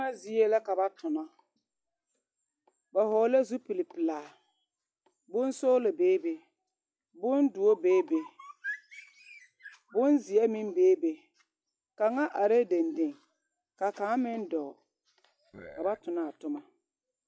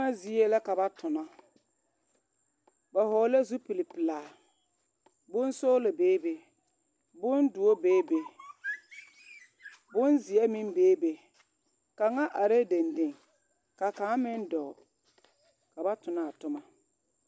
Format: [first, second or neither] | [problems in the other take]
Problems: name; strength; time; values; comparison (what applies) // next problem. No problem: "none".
second | noise reduction (classical method log-MMSE)